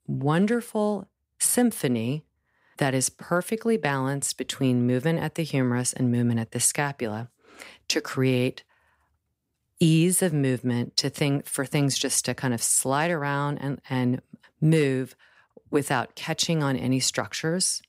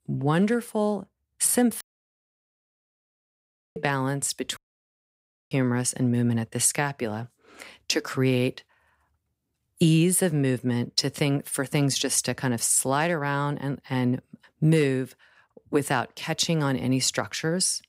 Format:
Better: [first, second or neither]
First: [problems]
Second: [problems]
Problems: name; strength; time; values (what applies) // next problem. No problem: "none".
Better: first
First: none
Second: audio cutting out; at 2 s for 2 s and at 4.5 s for 1 s